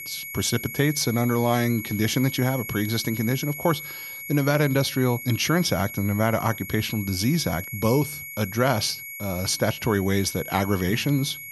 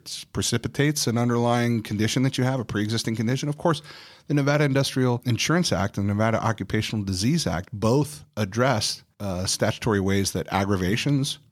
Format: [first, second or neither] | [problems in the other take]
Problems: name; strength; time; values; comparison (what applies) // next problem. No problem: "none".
second | high-pitched whine; loud; throughout; 2 kHz, 10 dB below the speech